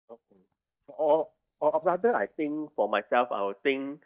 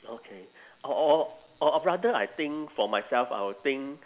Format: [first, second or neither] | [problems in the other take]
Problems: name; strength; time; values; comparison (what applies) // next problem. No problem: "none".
second | noise reduction (neural mask model DeepFilterNet 3)